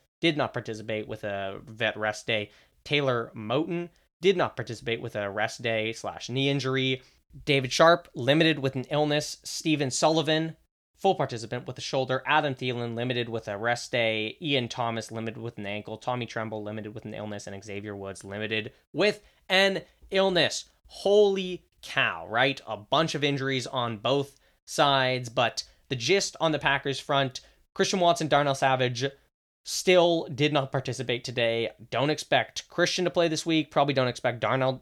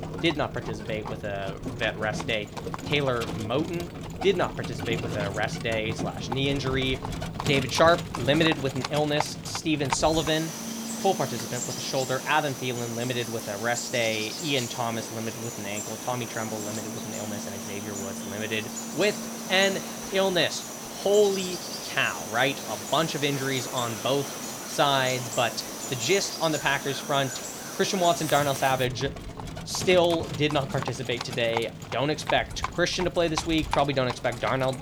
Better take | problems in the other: first | animal sounds; loud; throughout; 7 dB below the speech

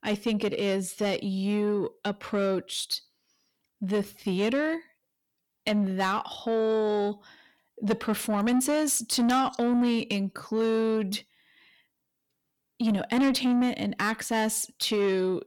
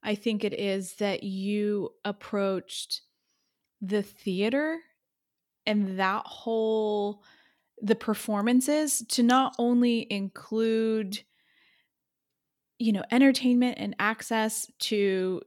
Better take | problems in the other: second | distortion; slight; 10 dB below the speech

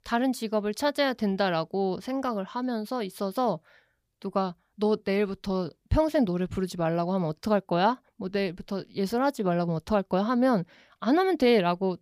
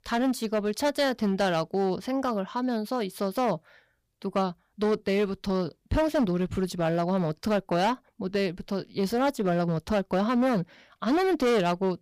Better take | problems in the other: first | distortion; slight; 9% of the sound clipped

